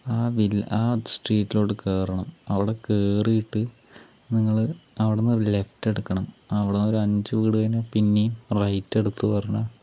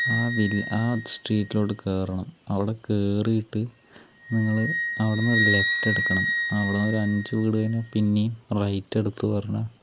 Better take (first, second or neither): first